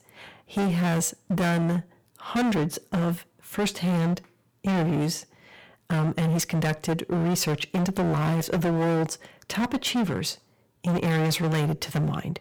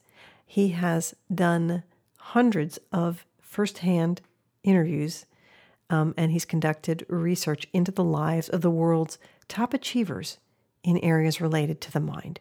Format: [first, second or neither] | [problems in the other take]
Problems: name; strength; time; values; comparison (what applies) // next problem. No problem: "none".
second | distortion; heavy; 24% of the sound clipped